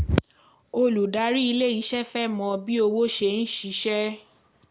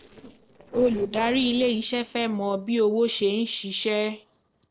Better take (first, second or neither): first